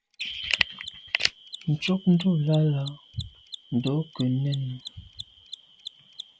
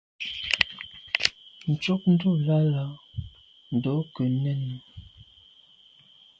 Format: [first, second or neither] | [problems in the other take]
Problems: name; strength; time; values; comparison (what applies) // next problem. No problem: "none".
second | background sound (Mechanisms); 17 dB below the speech